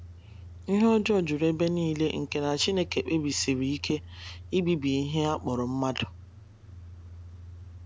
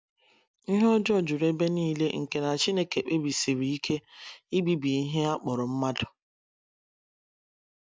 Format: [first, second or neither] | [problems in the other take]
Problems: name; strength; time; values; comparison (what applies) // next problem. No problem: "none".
second | background sound (Idling / Engine starting / Accelerating, revving, vroom / Car); 16 dB below the speech